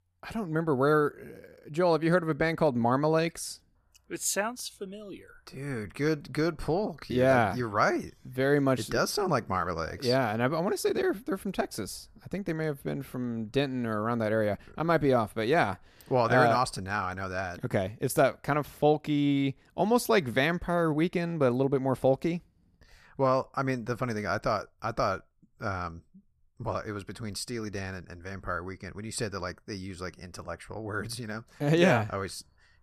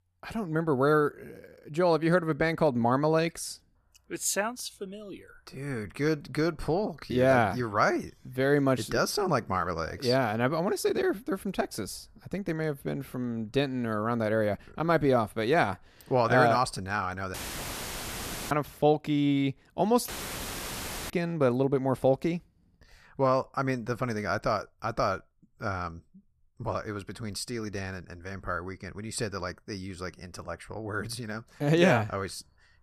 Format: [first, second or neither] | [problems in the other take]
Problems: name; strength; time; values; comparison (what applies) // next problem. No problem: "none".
first | audio cutting out; filled with static; at 17 s for 1 s and at 20 s for 1 s